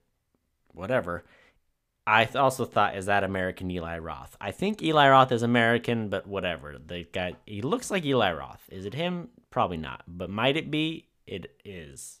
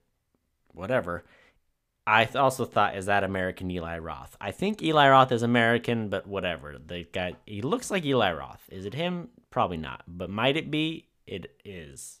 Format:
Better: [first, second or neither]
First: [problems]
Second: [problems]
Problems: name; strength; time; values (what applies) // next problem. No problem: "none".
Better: neither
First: none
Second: none